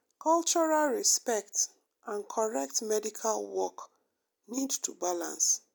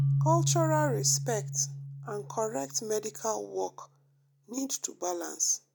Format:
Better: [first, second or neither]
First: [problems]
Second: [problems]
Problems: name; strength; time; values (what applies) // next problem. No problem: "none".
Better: first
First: none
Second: background sound (Keyboard (musical)); 2 dB below the speech